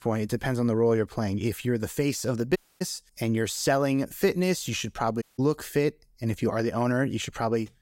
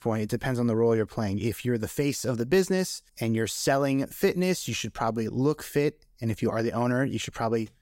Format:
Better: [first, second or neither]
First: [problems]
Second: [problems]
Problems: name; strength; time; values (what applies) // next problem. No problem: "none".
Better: second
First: audio cutting out; at 2.5 s and at 5 s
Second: none